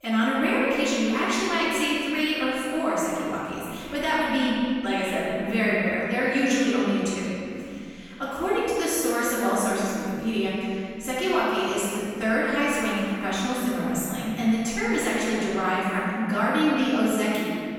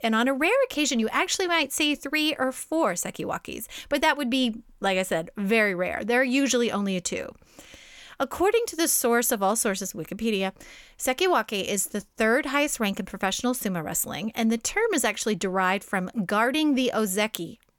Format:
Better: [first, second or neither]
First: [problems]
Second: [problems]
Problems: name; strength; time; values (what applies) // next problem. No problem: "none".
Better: second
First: off-mic speech; far // room echo; strong; dies away in 2.5 s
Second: none